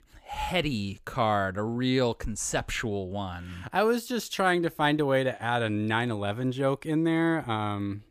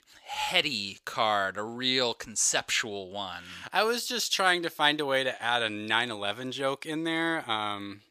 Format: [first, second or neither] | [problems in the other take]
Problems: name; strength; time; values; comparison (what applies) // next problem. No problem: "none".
first | thin; somewhat; fading below 700 Hz